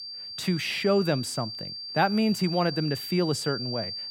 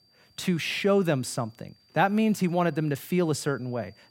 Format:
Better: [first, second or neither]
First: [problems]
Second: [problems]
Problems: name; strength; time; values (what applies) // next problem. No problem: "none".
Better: second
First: high-pitched whine; loud; throughout; 4.5 kHz, 7 dB below the speech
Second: high-pitched whine; faint; throughout; 4.5 kHz, 35 dB below the speech